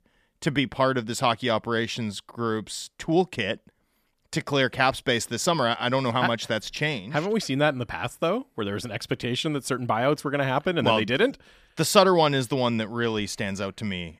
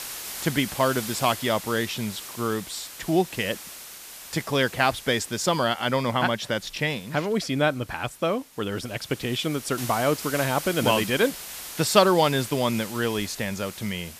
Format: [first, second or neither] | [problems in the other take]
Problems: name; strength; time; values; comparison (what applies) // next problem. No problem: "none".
first | hiss; noticeable; throughout; 10 dB below the speech